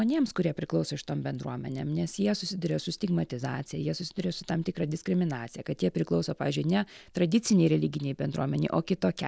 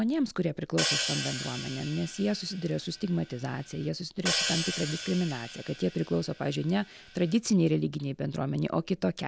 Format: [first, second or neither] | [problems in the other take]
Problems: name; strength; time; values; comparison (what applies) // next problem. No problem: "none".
first | background sound (Hi-hat); 6 dB below the speech